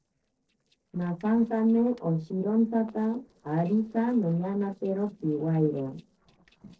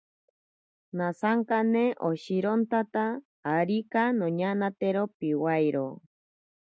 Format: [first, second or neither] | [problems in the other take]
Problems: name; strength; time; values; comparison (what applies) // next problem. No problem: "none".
second | noise reduction (neural separator model SepFormer DNS4)